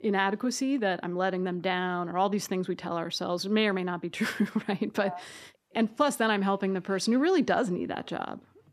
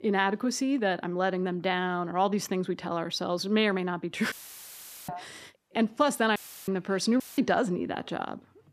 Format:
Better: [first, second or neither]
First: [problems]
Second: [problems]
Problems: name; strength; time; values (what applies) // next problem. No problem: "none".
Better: first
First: none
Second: audio cutting out; filled with static; at 4.5 s for 1 s, at 6.5 s and at 7 s